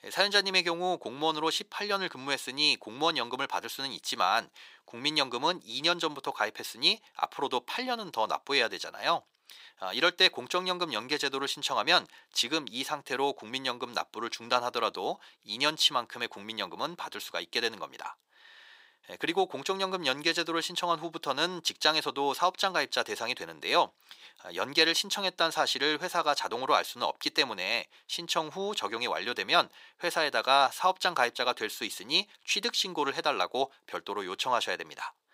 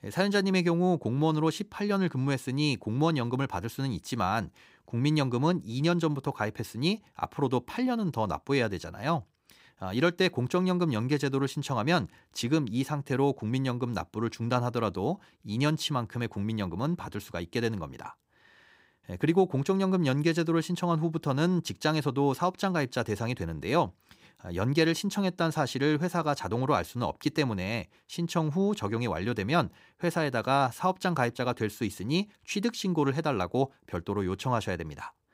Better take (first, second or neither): second